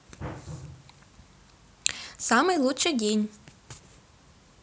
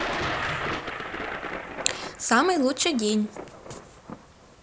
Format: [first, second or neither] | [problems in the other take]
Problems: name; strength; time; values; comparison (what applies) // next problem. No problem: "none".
first | background sound (Thunder); 6 dB below the speech